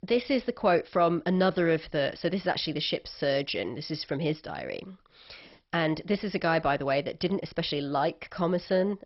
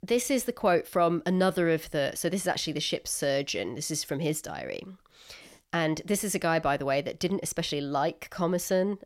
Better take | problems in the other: second | garbled, watery; badly; nothing above 5.5 kHz

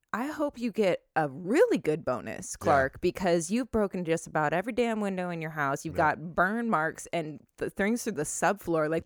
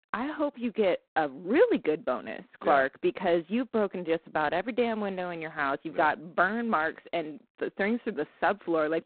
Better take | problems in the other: first | phone-call audio; poor line; nothing above 4 kHz

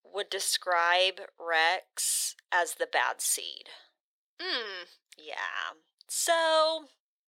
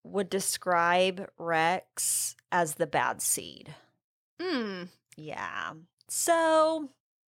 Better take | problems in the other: second | thin; very; fading below 450 Hz

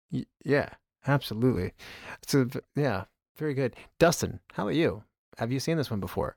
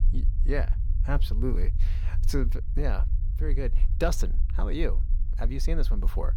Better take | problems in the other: first | low rumble; noticeable; throughout; 15 dB below the speech

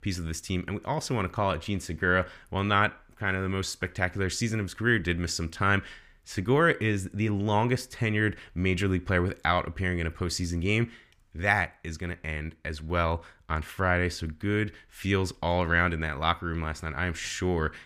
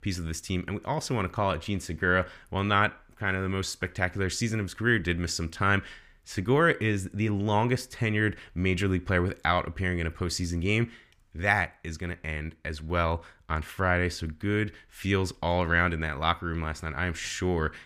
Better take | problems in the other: neither | none

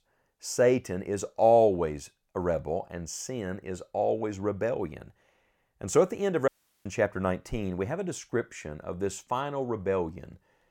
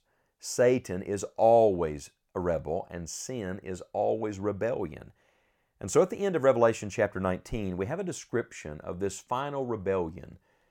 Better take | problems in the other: second | audio cutting out; at 6.5 s

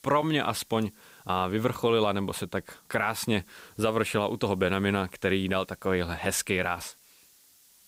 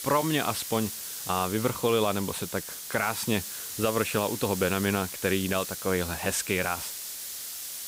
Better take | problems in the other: first | hiss; loud; throughout; 6 dB below the speech; faint in the first

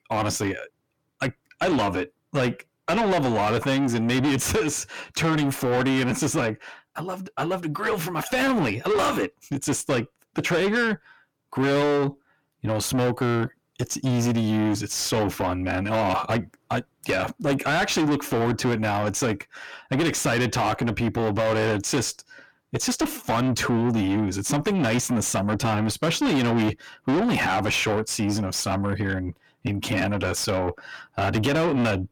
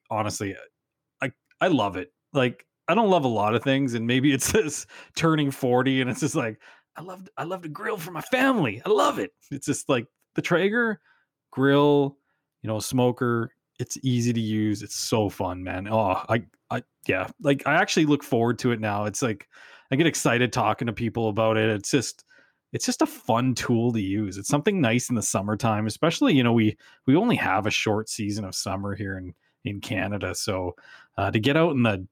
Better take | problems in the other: second | distortion; heavy; 6 dB below the speech

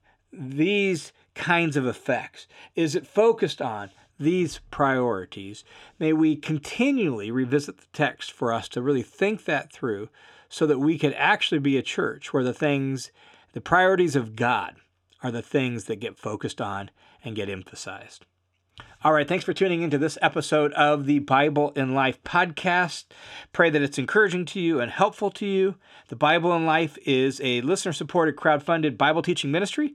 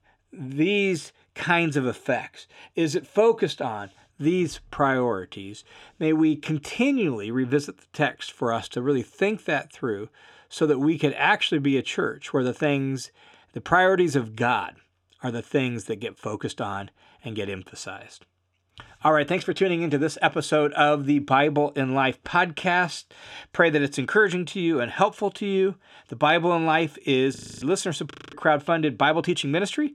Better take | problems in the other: first | audio freezing; at 27 s and at 28 s

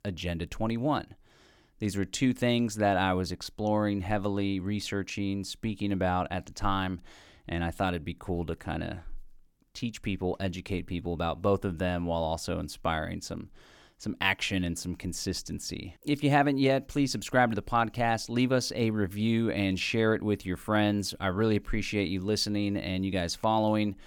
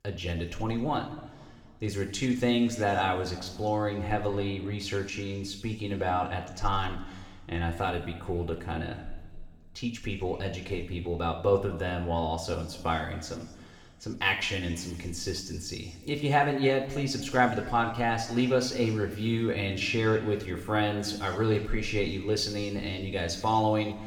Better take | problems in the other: first | room echo; slight; dies away in 1.8 s // off-mic speech; somewhat distant

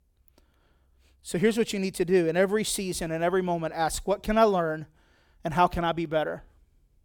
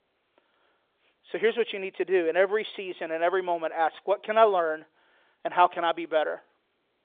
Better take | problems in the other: first | phone-call audio; nothing above 3.5 kHz

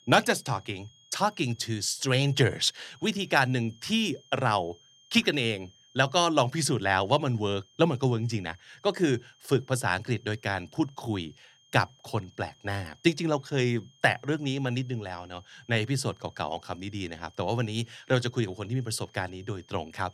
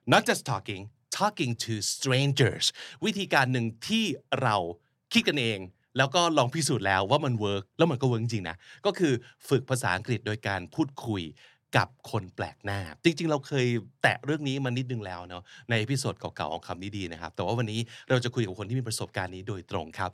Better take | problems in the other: second | high-pitched whine; faint; throughout; 3 kHz, 30 dB below the speech

